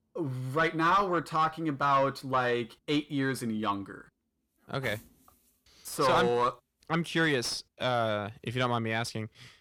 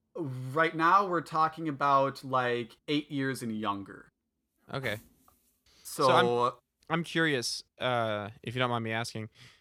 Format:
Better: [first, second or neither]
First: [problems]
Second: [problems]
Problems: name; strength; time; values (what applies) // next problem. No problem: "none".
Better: second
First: distortion; slight; 10 dB below the speech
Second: none